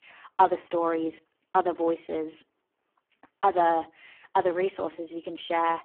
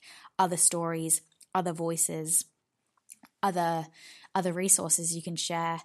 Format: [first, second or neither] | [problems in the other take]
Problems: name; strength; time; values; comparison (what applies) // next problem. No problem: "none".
second | phone-call audio; poor line